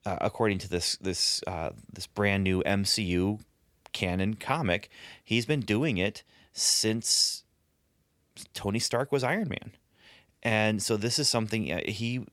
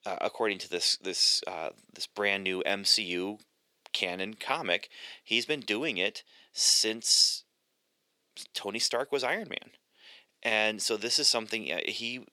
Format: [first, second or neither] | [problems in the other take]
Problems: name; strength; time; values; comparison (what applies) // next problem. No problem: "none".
first | thin; somewhat; fading below 400 Hz